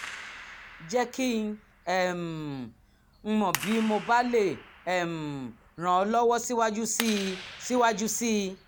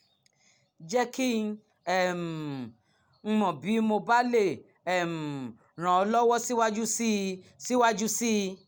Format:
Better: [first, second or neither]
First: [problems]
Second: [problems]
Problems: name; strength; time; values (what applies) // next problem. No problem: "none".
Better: second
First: background sound (Clapping); 14 dB below the speech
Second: none